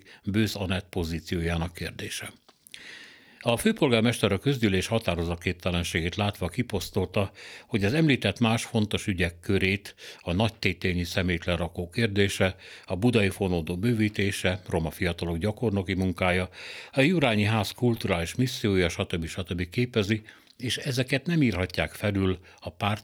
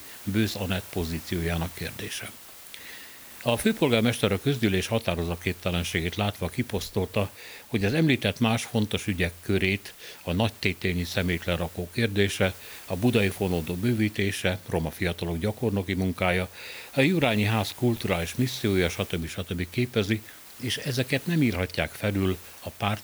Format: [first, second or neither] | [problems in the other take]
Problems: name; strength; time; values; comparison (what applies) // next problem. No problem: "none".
first | hiss; noticeable; throughout; 15 dB below the speech